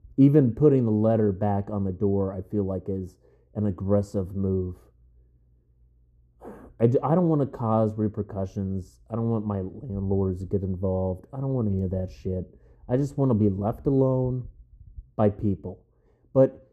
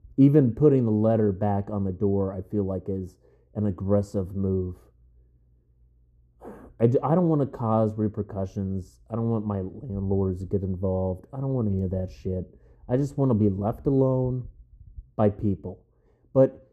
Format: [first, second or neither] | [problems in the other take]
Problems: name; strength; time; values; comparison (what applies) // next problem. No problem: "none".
neither | muffled; very; fading above 1 kHz; the same in both